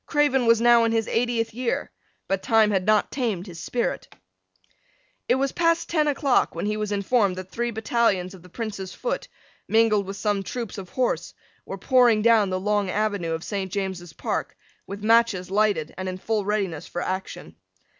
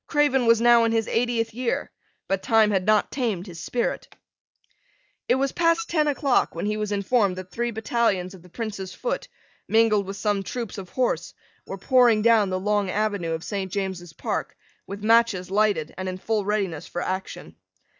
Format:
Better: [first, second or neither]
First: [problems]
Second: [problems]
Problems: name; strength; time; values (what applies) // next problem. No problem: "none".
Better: first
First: none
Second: noise reduction (neural mask model DeepFilterNet 3)